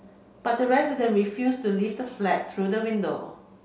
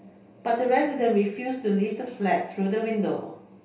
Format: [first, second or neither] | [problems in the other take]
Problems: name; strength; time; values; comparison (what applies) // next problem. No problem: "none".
first | room echo; dies away in 0.3 s